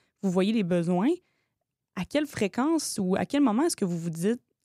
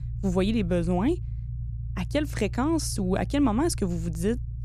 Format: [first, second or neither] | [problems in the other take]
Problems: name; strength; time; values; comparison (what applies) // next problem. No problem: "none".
first | low rumble; noticeable; throughout; 20 dB below the speech